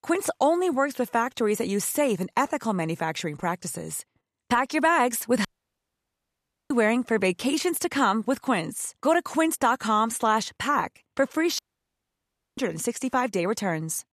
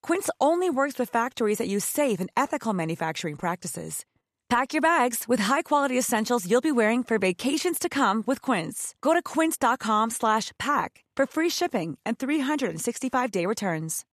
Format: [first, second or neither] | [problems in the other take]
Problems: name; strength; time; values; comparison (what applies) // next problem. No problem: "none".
second | audio cutting out; at 5.5 s for 1.5 s and at 12 s for 1 s